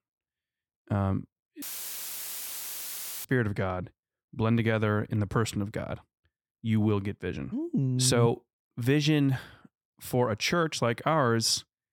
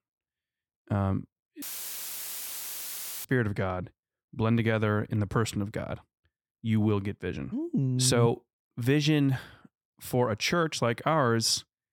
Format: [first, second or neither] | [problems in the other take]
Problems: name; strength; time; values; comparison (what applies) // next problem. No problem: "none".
neither | audio cutting out; filled with static; at 1.5 s for 1.5 s; the same in both